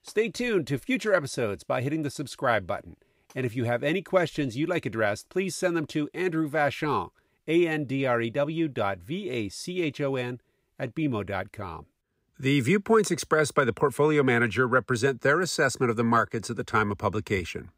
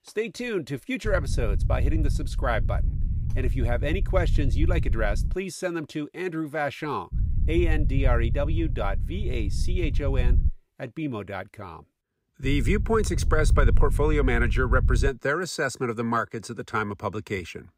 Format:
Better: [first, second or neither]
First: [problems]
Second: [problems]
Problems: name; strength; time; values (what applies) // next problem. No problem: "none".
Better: first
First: none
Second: low rumble; noticeable; from 1 to 5.5 s, from 7 to 10 s and from 12 to 15 s; 15 dB below the speech